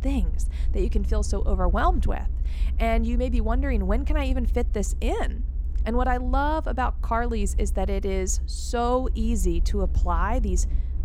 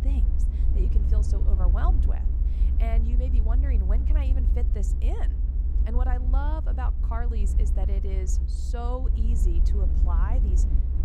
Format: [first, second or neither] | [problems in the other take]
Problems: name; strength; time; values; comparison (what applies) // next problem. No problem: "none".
first | low rumble; loud; throughout; 5 dB below the speech; faint in the first